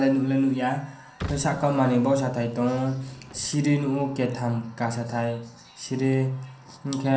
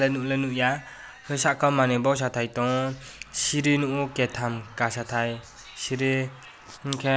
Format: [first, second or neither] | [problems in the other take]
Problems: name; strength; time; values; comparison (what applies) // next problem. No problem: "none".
second | background sound (Car); 15 dB below the speech // room echo; dies away in 0.6 s